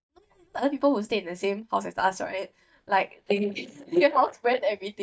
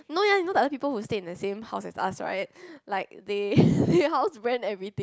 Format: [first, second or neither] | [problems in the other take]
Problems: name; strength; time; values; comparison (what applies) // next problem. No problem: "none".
second | noise reduction (neural mask model DeepFilterNet 3)